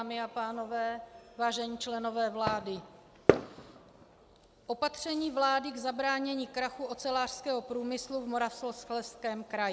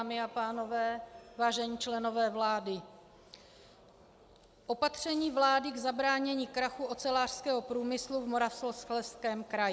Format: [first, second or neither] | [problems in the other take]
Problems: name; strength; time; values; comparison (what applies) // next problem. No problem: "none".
second | background sound (Fireworks); 1 dB below the speech